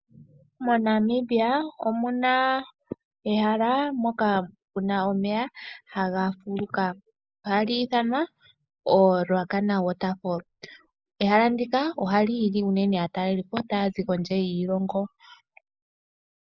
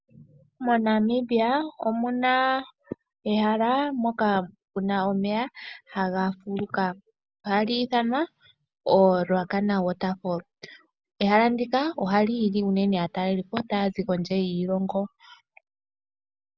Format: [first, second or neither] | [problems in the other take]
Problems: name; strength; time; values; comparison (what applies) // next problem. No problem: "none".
second | noise reduction (neural mask model Resemble Enhance denoiser)